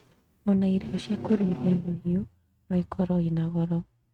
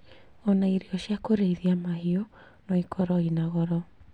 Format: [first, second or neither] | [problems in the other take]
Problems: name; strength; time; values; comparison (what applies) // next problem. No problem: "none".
second | noise reduction (neural mask model RNNoise)